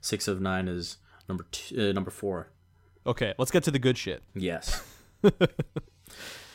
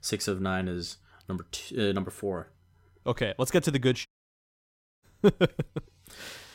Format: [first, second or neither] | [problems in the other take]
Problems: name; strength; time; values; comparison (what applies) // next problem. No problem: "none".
first | audio cutting out; at 4 s for 1 s